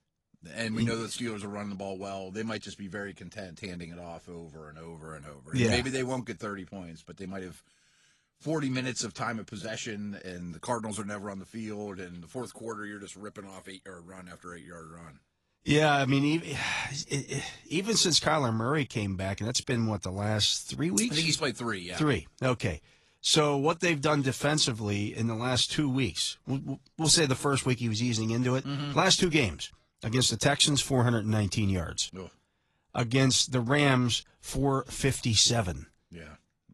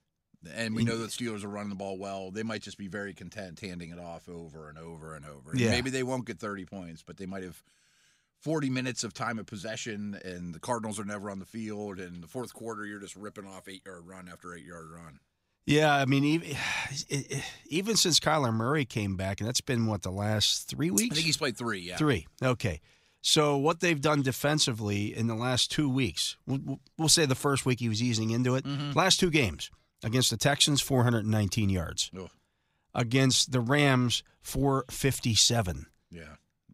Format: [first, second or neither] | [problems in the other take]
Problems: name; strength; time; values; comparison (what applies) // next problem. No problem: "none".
second | garbled, watery; slightly; nothing above 11 kHz